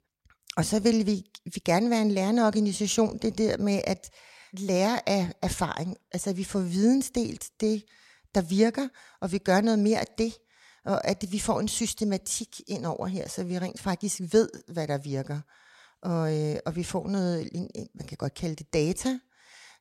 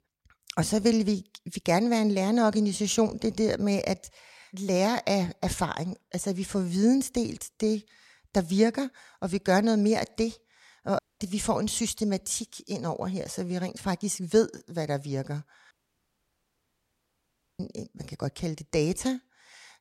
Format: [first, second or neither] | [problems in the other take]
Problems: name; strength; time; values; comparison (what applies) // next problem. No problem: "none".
first | audio cutting out; at 11 s and at 16 s for 2 s